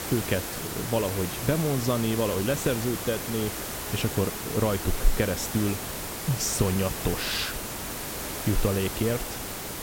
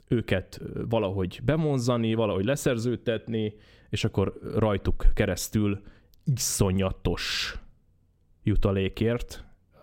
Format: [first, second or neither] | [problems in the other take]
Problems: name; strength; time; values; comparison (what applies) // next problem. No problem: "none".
second | hiss; loud; throughout; 4 dB below the speech